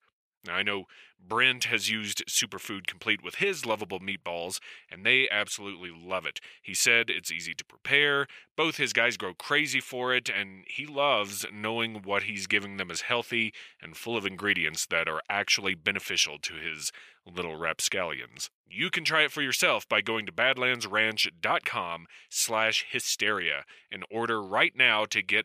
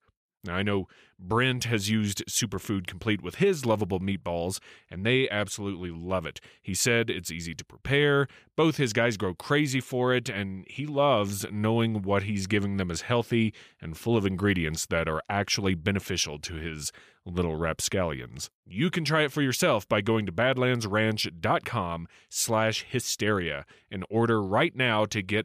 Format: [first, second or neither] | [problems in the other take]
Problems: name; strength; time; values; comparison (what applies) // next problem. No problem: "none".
second | thin; somewhat; fading below 750 Hz